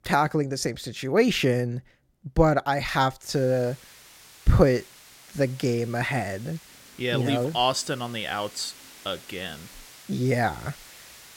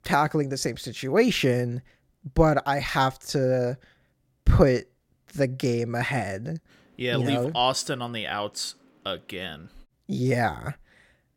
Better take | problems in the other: second | hiss; faint; from 3.5 s on; 20 dB below the speech

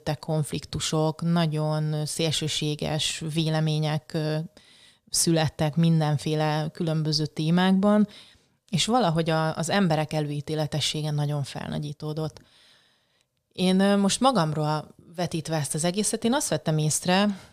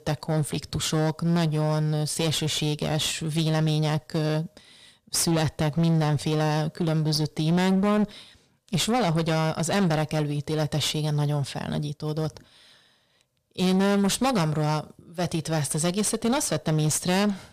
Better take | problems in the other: first | distortion; slight; 19% of the sound clipped

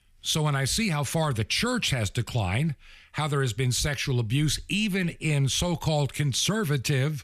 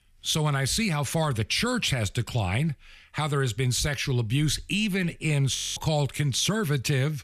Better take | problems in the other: first | audio freezing; at 5.5 s

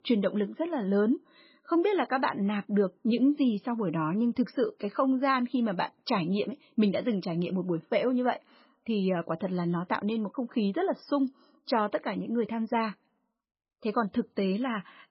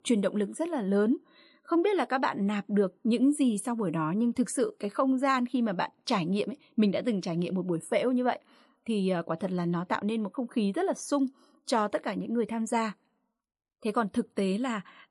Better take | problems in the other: second | garbled, watery; badly; nothing above 5.5 kHz; slightly in the second

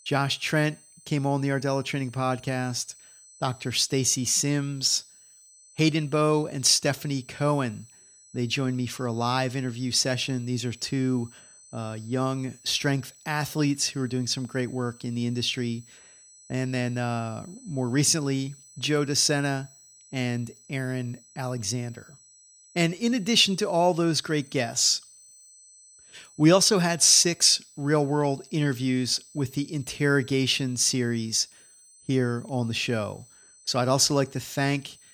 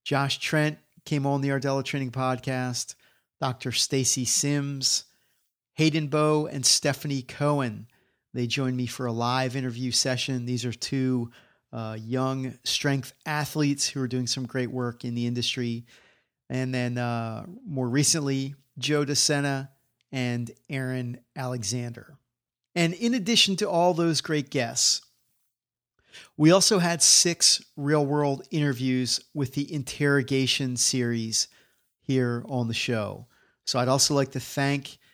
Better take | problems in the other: second | high-pitched whine; faint; throughout; 8 kHz, 25 dB below the speech

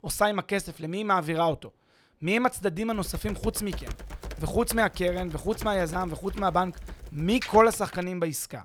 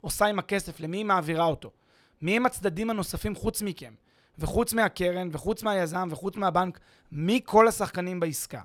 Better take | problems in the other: second | keyboard typing; noticeable; from 3 to 8 s; peak 9 dB below the speech

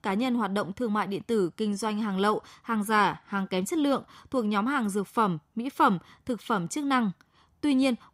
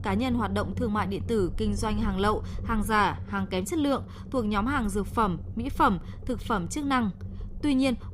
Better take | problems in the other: first | low rumble; faint; throughout; 20 dB below the speech

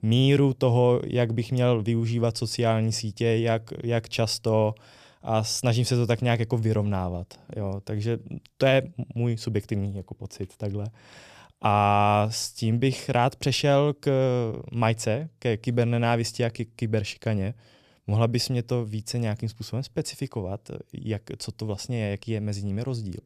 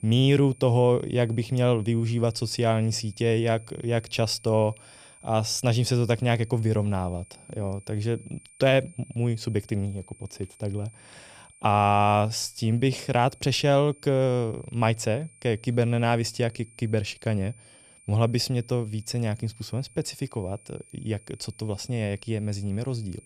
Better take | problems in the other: first | high-pitched whine; faint; throughout; 9 kHz, 25 dB below the speech

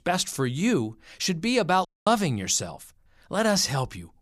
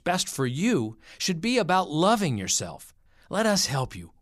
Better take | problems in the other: second | audio cutting out; at 2 s

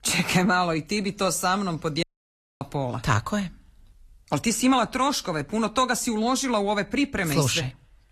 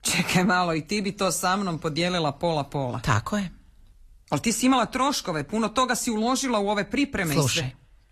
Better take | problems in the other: second | audio cutting out; at 2 s for 0.5 s

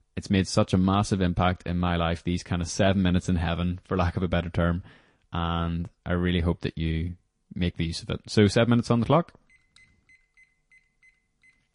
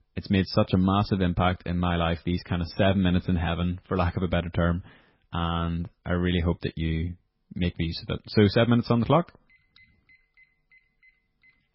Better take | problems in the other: first | garbled, watery; badly; nothing above 5.5 kHz; slightly in the first

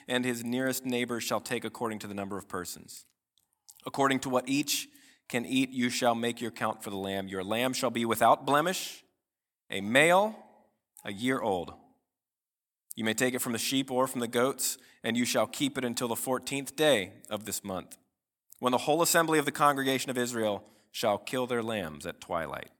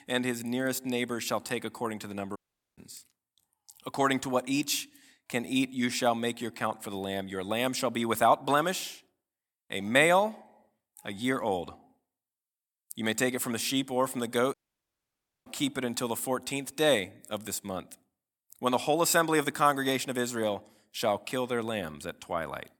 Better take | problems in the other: first | audio cutting out; at 2.5 s and at 15 s for 1 s

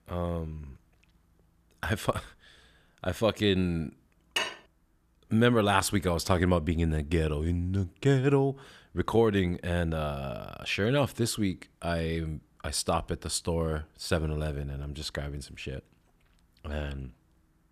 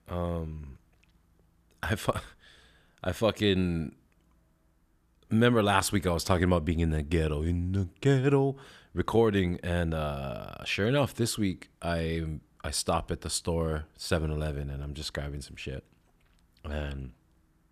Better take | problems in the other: second | clattering dishes; noticeable; at 4.5 s; peak 2 dB below the speech

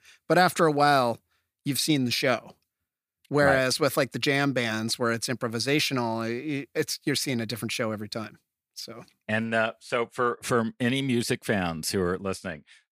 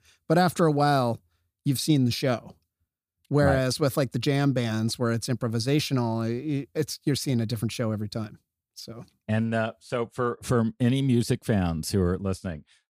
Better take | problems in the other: second | thin; very slightly; fading below 400 Hz

